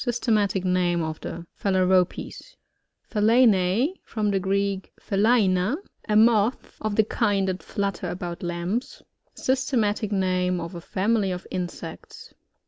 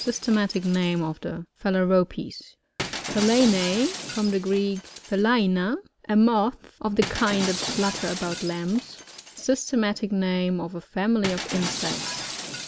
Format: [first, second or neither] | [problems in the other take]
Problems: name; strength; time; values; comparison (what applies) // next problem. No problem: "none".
first | background sound (Shatter); 10 dB below the speech